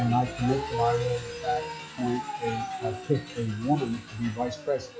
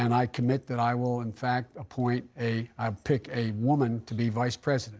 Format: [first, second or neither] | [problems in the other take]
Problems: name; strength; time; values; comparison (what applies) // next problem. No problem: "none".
second | noise reduction (classical method log-MMSE)